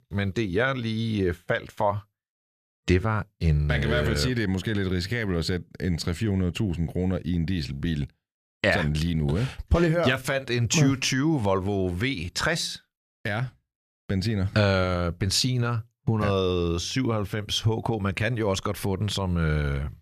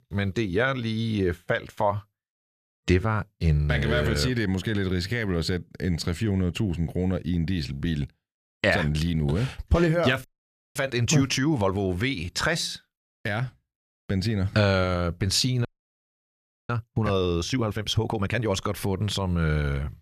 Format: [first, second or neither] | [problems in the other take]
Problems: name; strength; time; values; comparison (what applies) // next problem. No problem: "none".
first | audio freezing; at 10 s for 0.5 s and at 16 s for 1 s